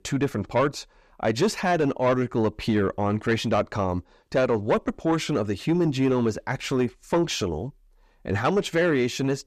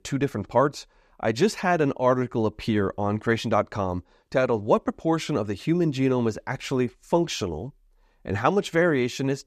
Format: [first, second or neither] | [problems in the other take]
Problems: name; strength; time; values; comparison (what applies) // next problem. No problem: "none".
second | distortion; slight; 10 dB below the speech